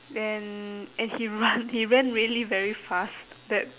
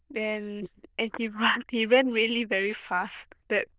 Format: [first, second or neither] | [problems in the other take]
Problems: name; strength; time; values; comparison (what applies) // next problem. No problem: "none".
first | noise reduction (neural diffusion model UNIVERSE++)